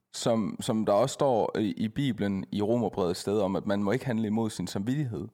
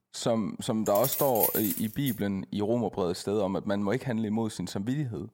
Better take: first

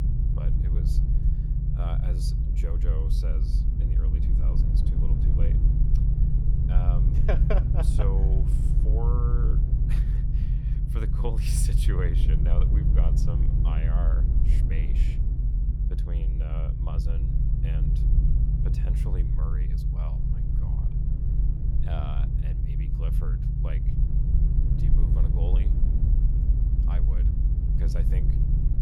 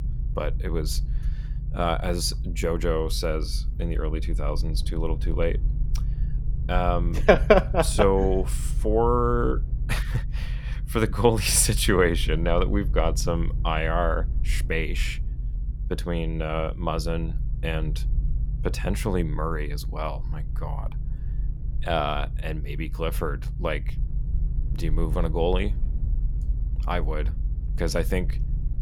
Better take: second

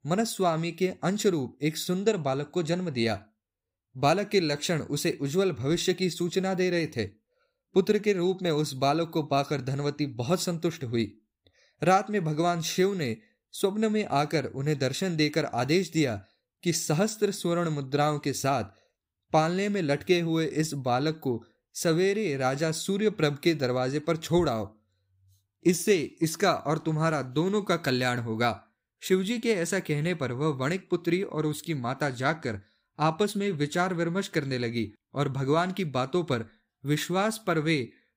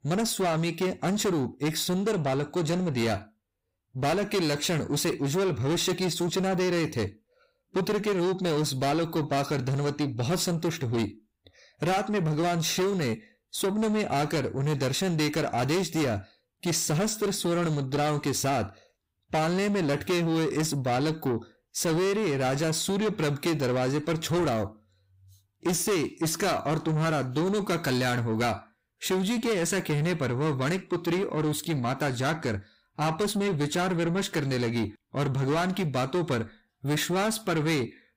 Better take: first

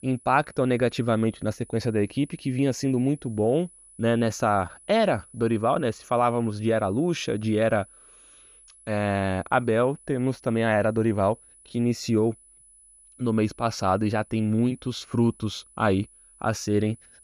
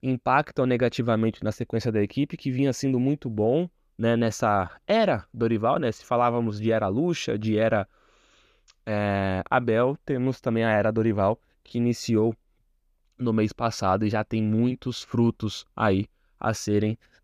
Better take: second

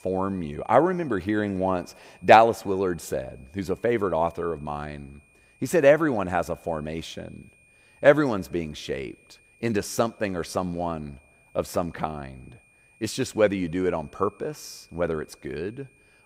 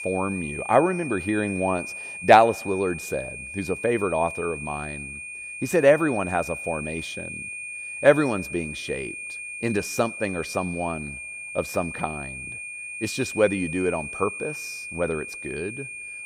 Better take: first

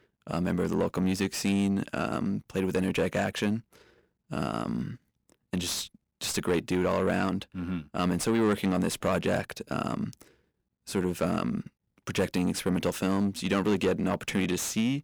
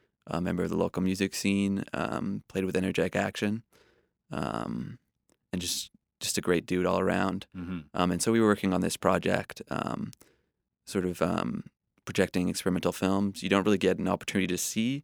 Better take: second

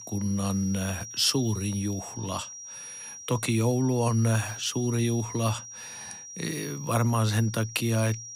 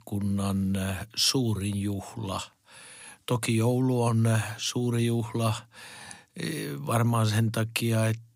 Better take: second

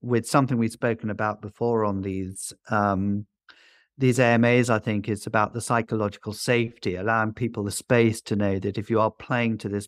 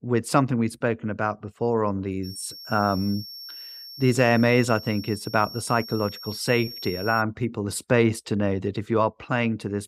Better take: first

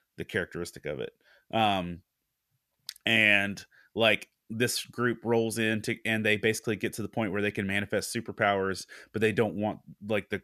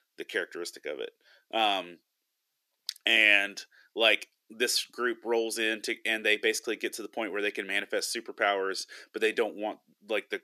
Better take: first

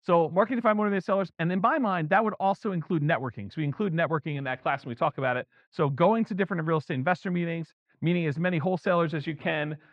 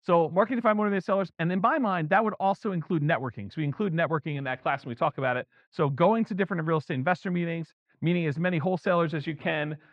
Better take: neither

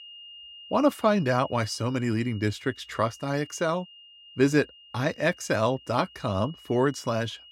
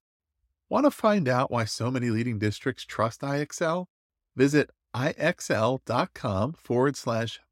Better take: second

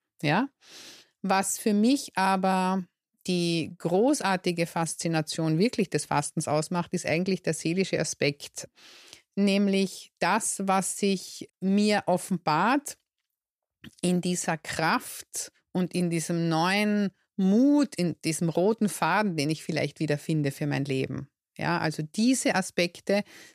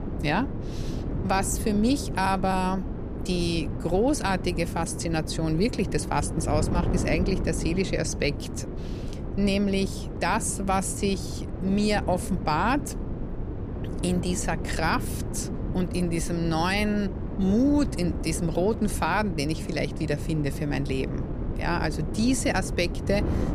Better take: first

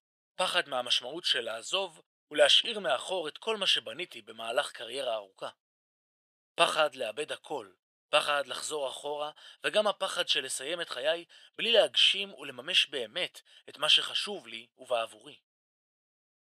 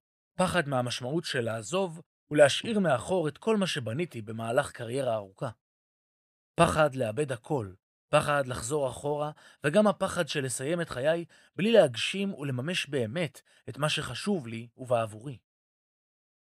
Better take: second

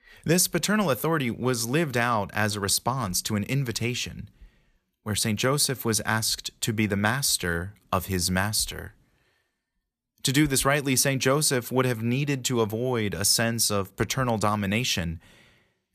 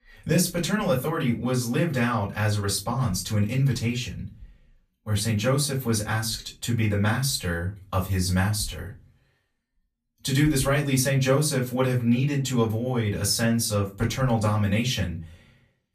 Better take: first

